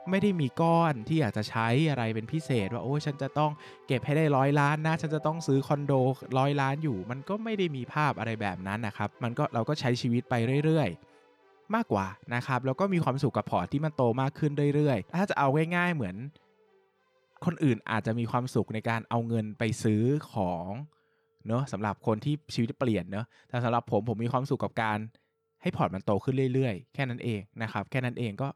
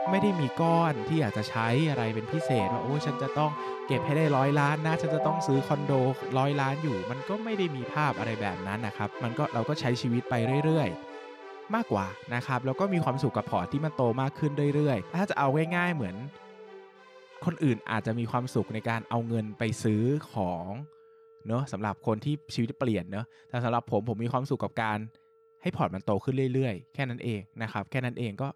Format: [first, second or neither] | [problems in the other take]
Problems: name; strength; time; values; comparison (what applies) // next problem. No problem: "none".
first | background music; loud; throughout; 8 dB below the speech; faint in the first